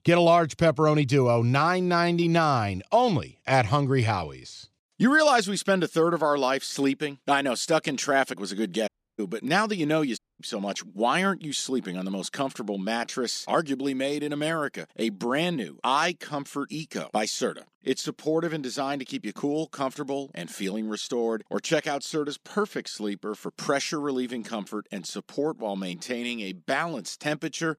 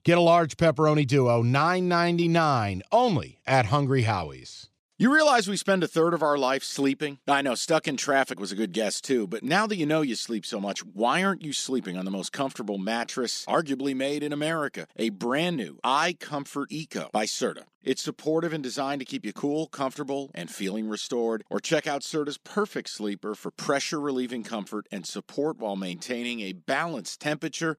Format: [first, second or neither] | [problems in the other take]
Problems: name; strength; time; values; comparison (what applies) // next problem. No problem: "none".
second | audio cutting out; at 9 s and at 10 s